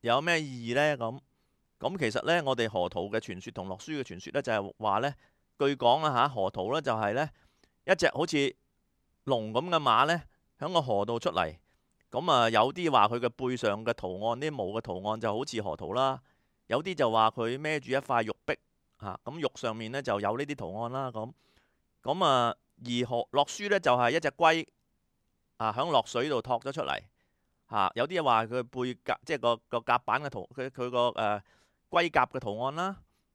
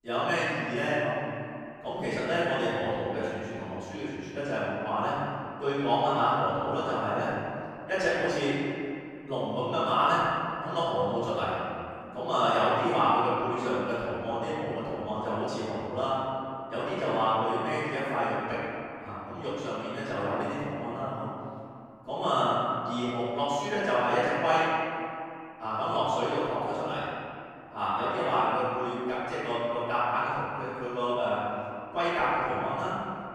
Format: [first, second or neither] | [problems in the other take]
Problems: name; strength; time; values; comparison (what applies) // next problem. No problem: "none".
first | room echo; strong; dies away in 2.4 s // off-mic speech; far